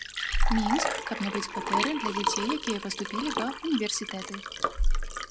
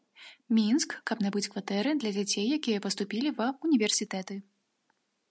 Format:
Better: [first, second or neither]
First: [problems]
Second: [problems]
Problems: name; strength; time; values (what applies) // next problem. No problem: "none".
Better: second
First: background sound (Liquid); 4 dB above the speech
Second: none